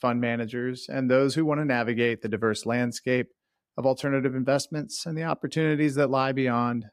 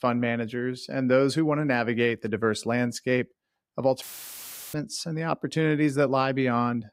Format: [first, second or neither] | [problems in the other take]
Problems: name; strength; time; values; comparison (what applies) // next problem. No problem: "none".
first | audio cutting out; filled with static; at 4 s for 0.5 s